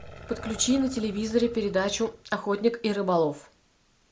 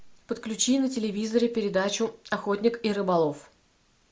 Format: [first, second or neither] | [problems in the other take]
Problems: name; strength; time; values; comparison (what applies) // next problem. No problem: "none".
second | background sound (Growling); 19 dB below the speech